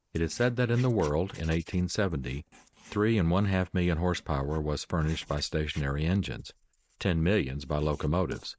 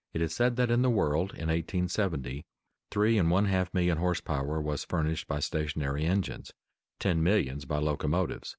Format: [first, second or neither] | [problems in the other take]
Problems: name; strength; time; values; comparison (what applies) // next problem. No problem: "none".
second | noise reduction (neural mask model Resemble Enhance denoiser)